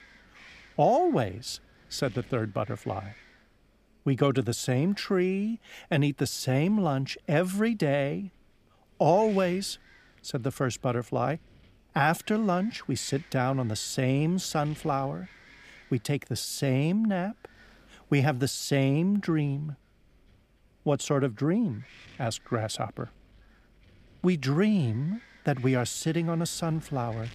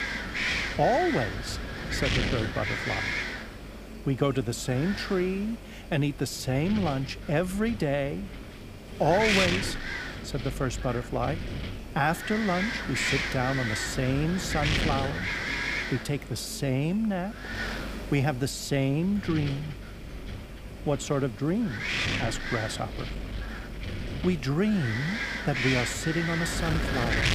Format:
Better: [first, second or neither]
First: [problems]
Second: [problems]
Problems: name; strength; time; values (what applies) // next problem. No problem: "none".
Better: first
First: wind noise on the microphone; occasional gusts; 25 dB below the speech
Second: wind noise on the microphone; heavy; 1 dB above the speech